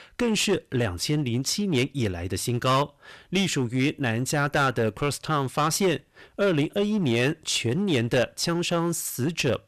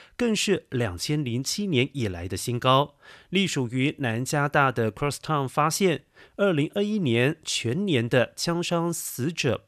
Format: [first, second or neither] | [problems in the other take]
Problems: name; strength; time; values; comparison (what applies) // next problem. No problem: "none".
second | distortion; slight; 8% of the sound clipped